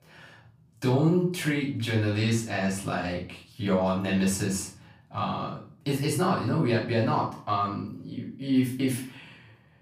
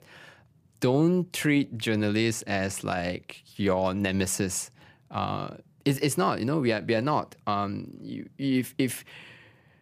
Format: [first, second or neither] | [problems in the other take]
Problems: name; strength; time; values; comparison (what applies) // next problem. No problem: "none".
second | off-mic speech; far // room echo; noticeable; dies away in 0.4 s